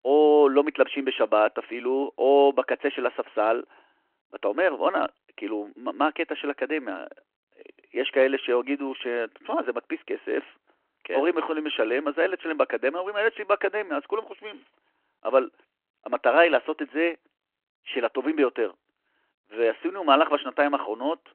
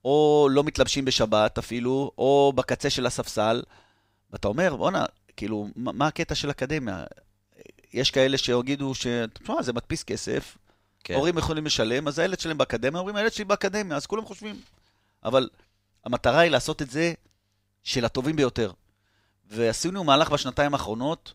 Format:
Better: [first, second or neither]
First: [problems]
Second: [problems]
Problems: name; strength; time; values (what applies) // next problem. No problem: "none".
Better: second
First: phone-call audio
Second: none